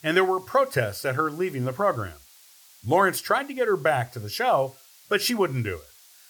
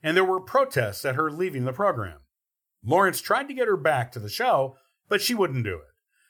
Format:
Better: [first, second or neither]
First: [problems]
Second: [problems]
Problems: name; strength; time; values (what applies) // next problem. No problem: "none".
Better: second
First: hiss; faint; throughout; 25 dB below the speech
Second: none